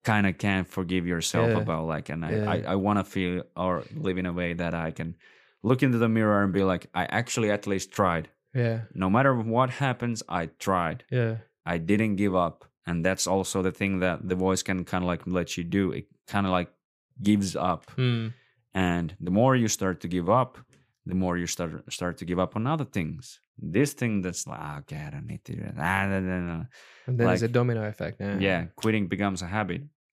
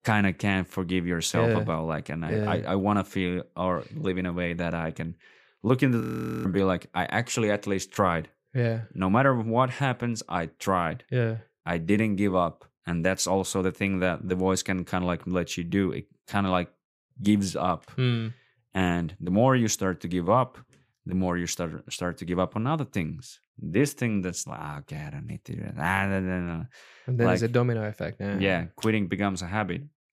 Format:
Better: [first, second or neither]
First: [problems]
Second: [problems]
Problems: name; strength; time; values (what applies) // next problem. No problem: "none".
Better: first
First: none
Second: audio freezing; at 6 s